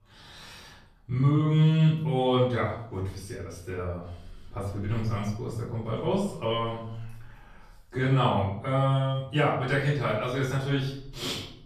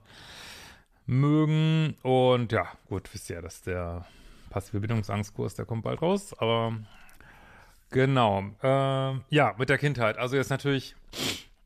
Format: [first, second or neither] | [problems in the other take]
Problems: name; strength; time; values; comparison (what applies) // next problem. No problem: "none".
second | off-mic speech; far // room echo; noticeable; dies away in 0.6 s